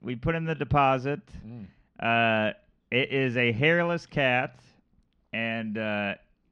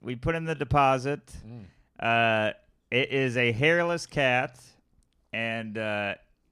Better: second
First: muffled; slightly; fading above 3 kHz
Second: none

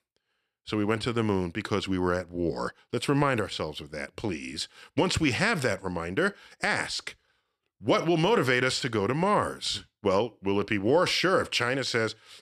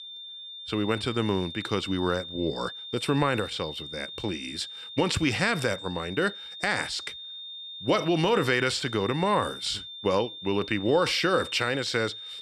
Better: first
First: none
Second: high-pitched whine; noticeable; throughout; 3.5 kHz, 10 dB below the speech

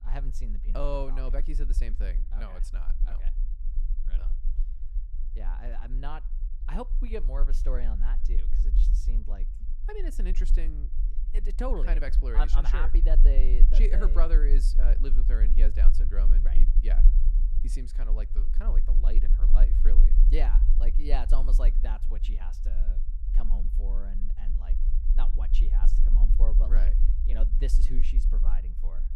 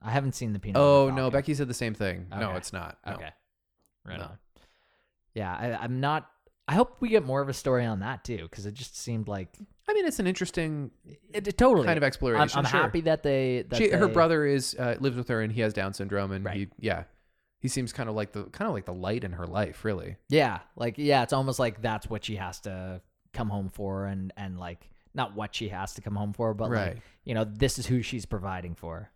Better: second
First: low rumble; noticeable; throughout; 10 dB below the speech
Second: none

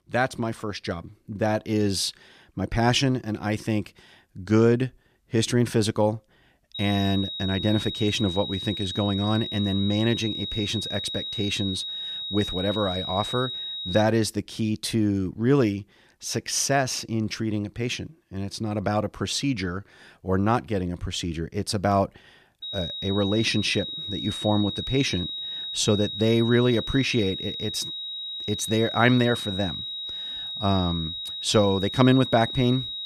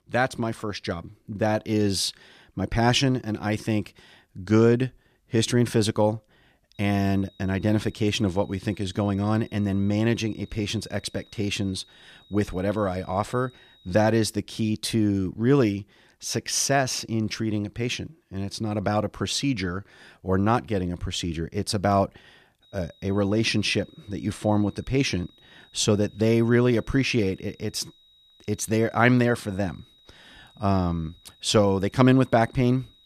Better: second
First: high-pitched whine; loud; from 7 to 14 s and from 23 s on; 4 kHz, 5 dB below the speech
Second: high-pitched whine; faint; from 7 to 14 s and from 23 s on; 4 kHz, 30 dB below the speech

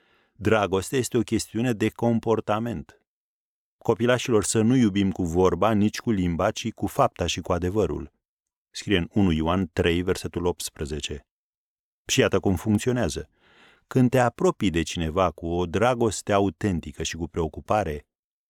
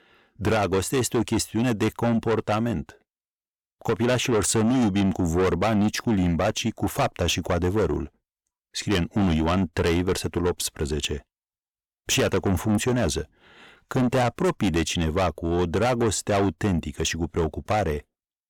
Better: first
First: none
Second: distortion; heavy; 7 dB below the speech

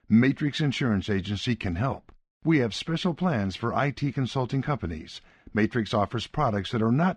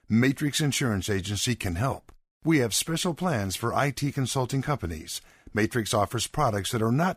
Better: second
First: muffled; slightly; fading above 4 kHz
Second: none

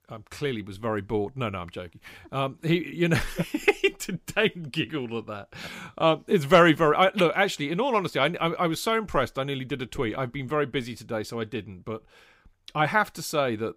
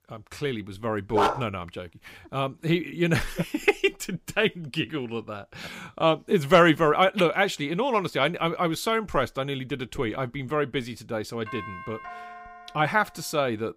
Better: first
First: none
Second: dog barking; loud; at 1 s; peak level with the speech // doorbell; faint; from 11 to 13 s; peak 10 dB below the speech

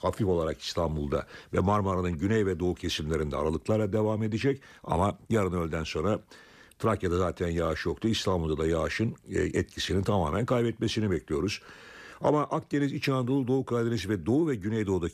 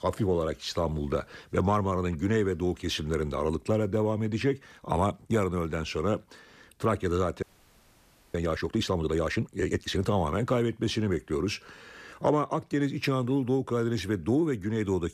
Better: first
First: none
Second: audio freezing; at 7.5 s for 1 s

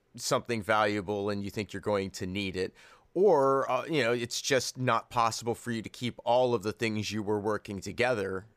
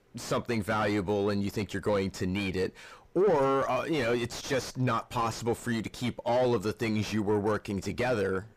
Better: first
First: none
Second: distortion; heavy; 6 dB below the speech

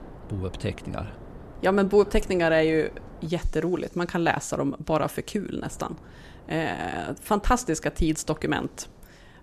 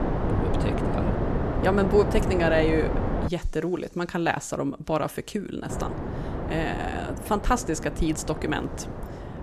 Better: first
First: wind noise on the microphone; occasional gusts; until 3.5 s and from 5.5 s on; 25 dB below the speech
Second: wind noise on the microphone; heavy; until 3.5 s and from 5.5 s on; 5 dB below the speech

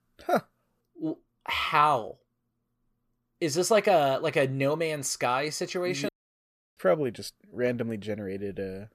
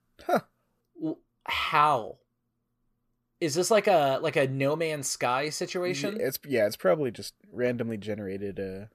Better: second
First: audio cutting out; at 6 s for 0.5 s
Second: none

